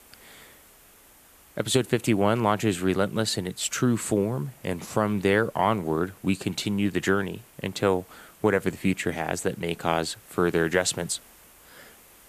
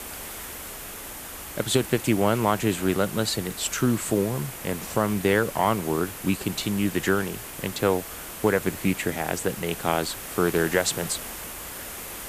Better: first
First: hiss; faint; throughout; 25 dB below the speech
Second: hiss; loud; throughout; 10 dB below the speech

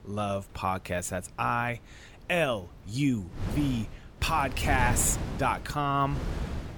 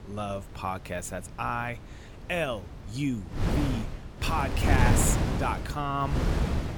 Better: first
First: wind noise on the microphone; occasional gusts; 10 dB below the speech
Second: wind noise on the microphone; heavy; 3 dB below the speech

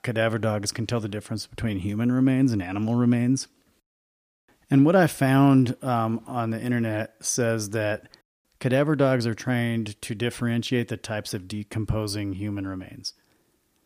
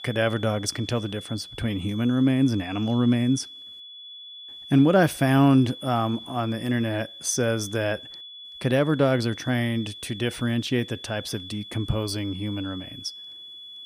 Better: first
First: none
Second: high-pitched whine; noticeable; throughout; 3.5 kHz, 15 dB below the speech

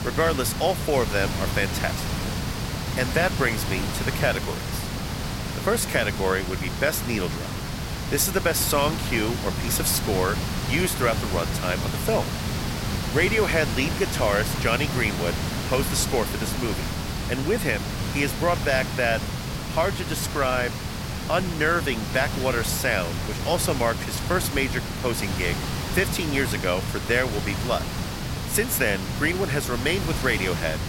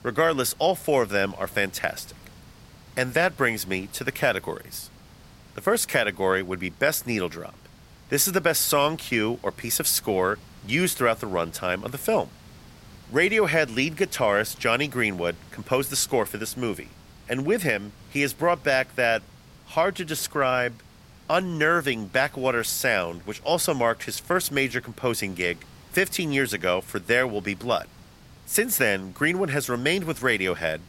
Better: second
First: hiss; loud; throughout; 3 dB below the speech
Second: hiss; faint; throughout; 25 dB below the speech

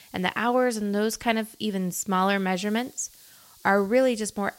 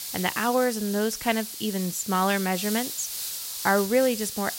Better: first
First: hiss; faint; throughout; 25 dB below the speech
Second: hiss; loud; throughout; 6 dB below the speech

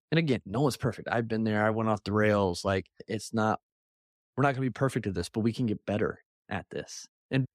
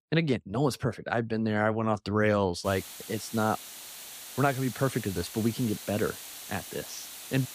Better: first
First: none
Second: hiss; noticeable; from 2.5 s on; 10 dB below the speech

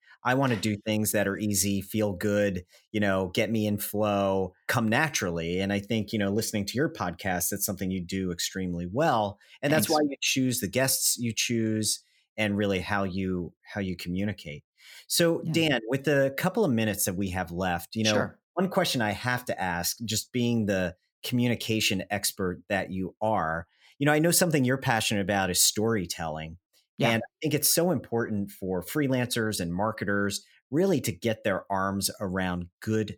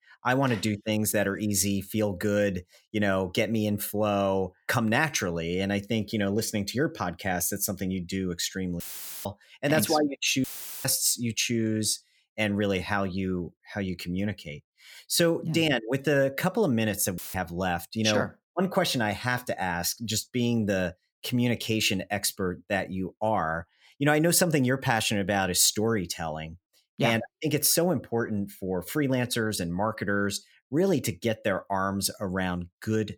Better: first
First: none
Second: audio cutting out; filled with static; at 9 s, at 10 s and at 17 s

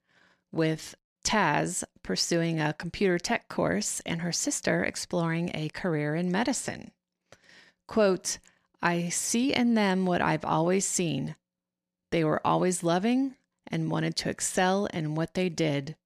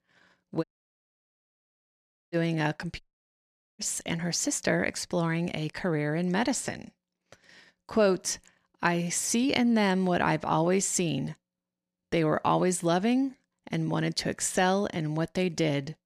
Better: first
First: none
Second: audio cutting out; at 0.5 s for 1.5 s and at 3 s for 1 s

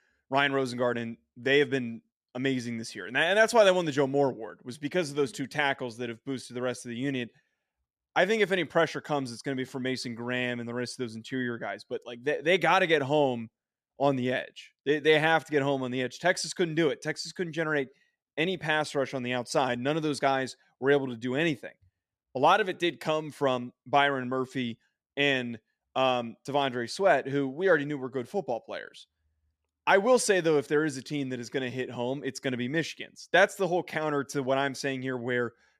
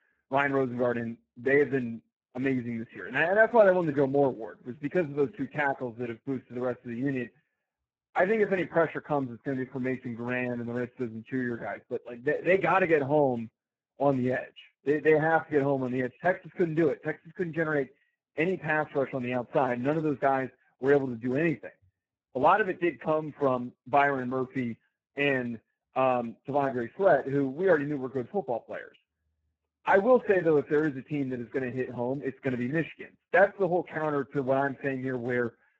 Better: first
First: none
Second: garbled, watery; badly

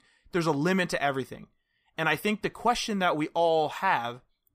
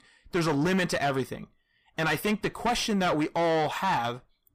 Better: first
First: none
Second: distortion; heavy; 7 dB below the speech

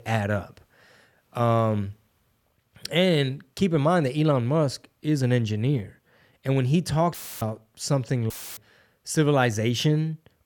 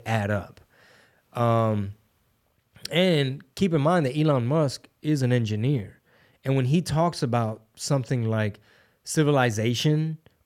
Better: second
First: audio cutting out; filled with static; at 7 s and at 8.5 s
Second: none

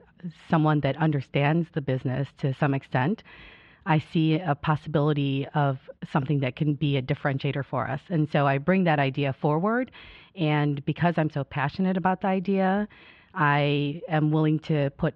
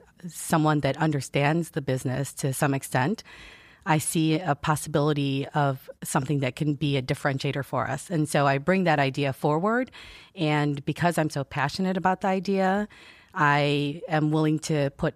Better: second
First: muffled; slightly; fading above 3 kHz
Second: none

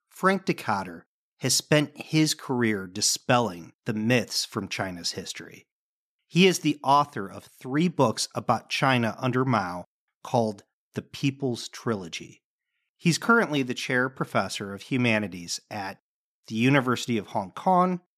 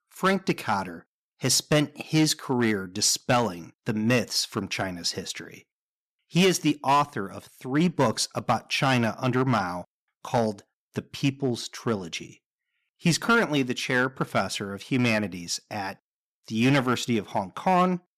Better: first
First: none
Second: distortion; slight; 3% of the sound clipped

